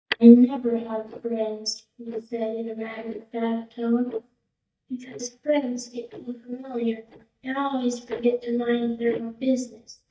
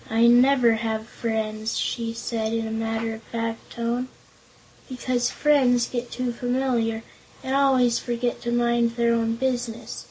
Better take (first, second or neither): second